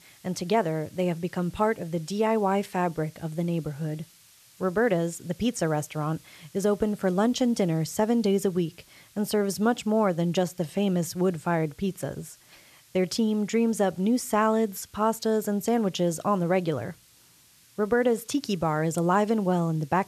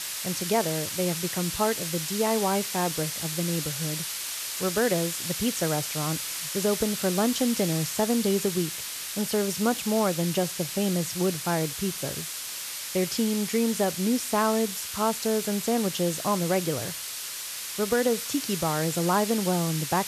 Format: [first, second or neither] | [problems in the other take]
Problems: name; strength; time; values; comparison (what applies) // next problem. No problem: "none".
first | hiss; loud; throughout; 3 dB below the speech; faint in the first